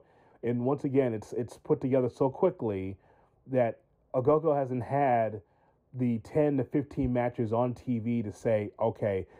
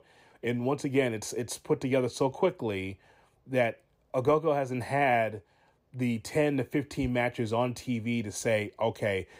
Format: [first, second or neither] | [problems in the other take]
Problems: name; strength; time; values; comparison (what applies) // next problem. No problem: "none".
second | muffled; very; fading above 2 kHz